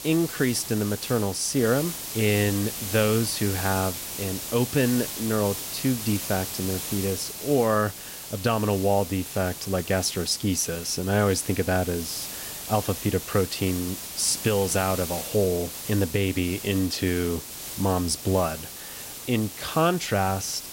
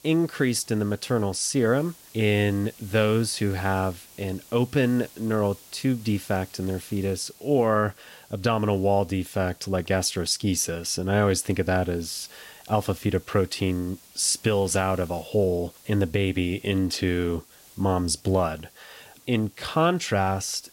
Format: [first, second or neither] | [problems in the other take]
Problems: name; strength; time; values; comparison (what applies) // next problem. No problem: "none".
second | hiss; loud; throughout; 7 dB below the speech; faint in the second